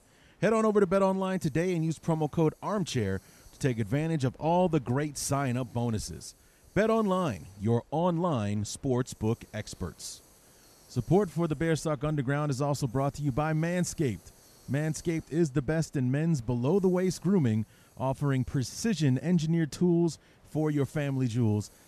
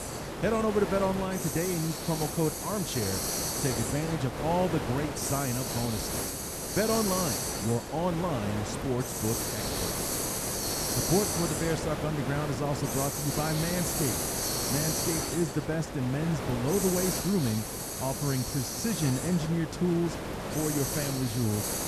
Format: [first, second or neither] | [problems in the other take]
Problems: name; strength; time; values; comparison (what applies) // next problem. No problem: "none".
first | hiss; loud; throughout; 1 dB below the speech; faint in the first